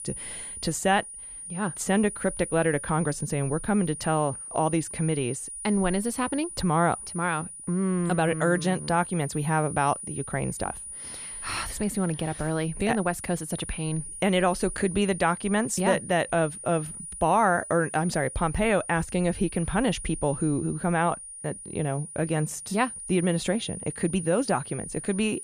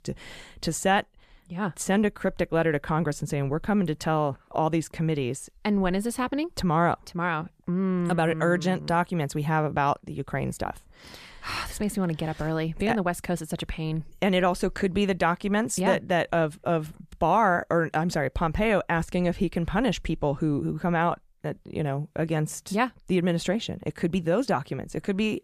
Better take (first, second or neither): second